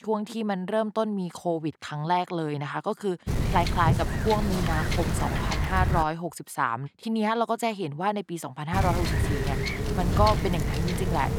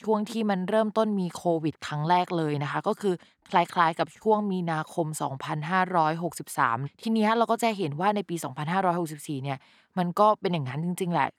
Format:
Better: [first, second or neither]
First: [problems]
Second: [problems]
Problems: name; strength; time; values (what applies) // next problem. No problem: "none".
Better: second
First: wind noise on the microphone; heavy; from 3.5 to 6 s and from 8.5 s on; 5 dB below the speech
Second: none